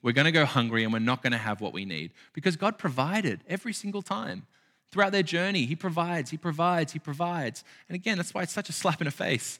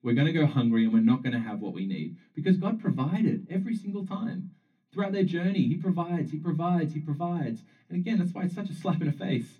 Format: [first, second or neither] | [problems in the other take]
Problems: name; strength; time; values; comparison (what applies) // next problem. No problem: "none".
first | room echo; slight; dies away in 0.3 s // off-mic speech; far